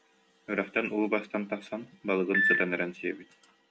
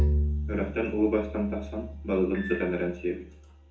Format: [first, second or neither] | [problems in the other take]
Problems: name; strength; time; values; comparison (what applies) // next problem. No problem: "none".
first | background sound (Bowed string instrument); 2 dB below the speech // room echo; dies away in 0.5 s